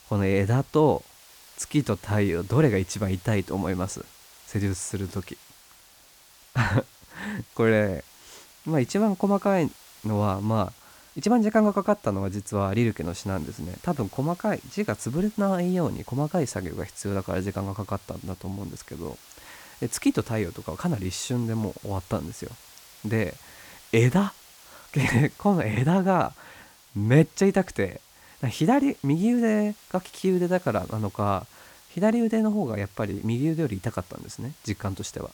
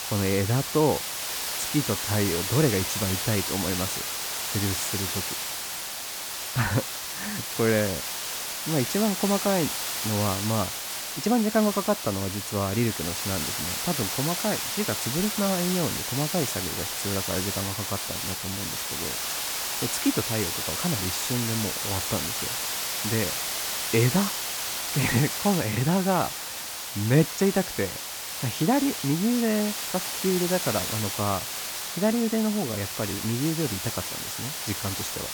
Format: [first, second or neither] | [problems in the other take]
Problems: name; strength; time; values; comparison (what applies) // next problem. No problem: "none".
first | hiss; loud; throughout; 1 dB below the speech; faint in the first